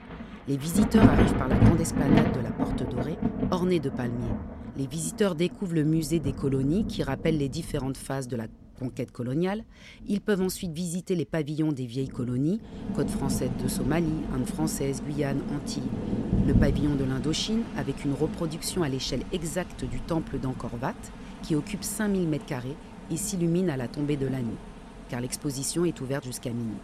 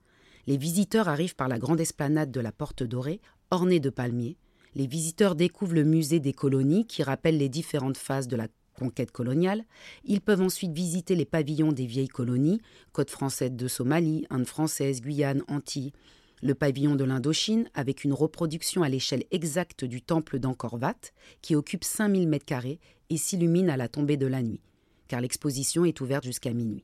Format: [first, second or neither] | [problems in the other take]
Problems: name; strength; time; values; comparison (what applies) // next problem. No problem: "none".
second | rain or running water; loud; throughout; as loud as the speech